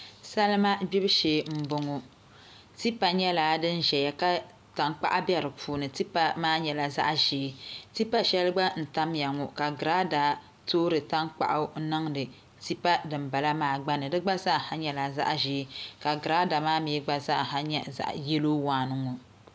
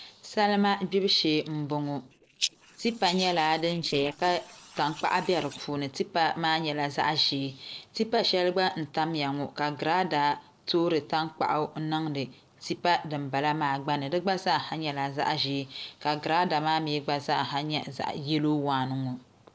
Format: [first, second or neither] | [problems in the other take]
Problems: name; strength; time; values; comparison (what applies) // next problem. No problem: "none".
first | noise reduction (neural separator model SepFormer DNS4)